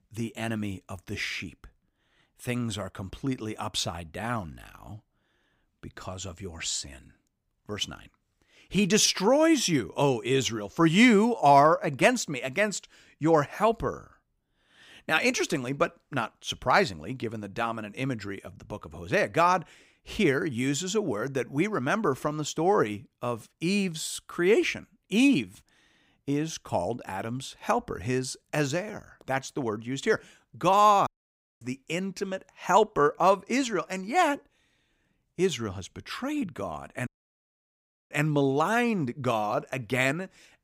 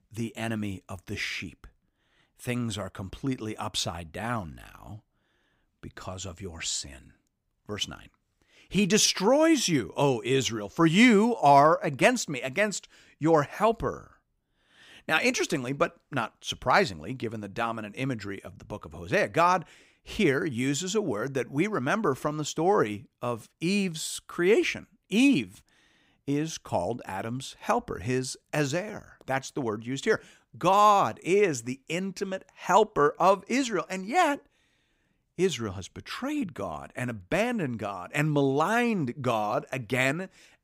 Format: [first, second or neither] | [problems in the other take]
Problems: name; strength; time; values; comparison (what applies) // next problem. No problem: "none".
second | audio cutting out; at 31 s for 0.5 s and at 37 s for 1 s